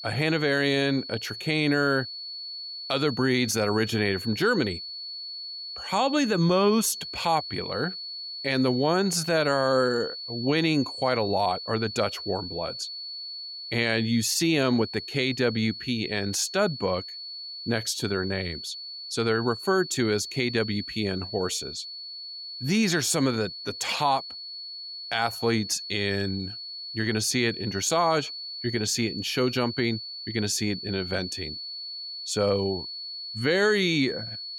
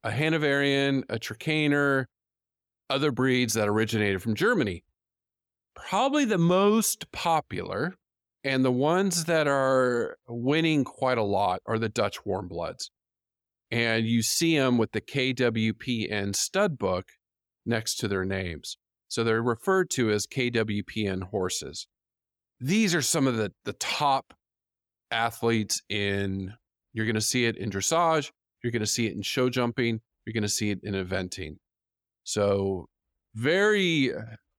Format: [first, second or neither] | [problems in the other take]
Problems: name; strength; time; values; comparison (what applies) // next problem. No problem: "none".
second | high-pitched whine; loud; throughout; 4.5 kHz, 9 dB below the speech